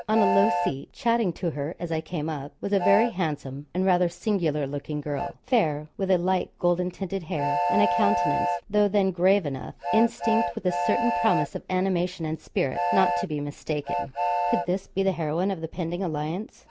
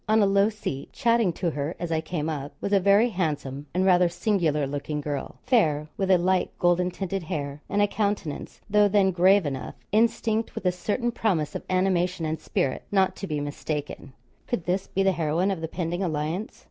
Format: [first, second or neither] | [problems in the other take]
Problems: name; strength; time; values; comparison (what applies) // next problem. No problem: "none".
second | background sound (Train); 4 dB below the speech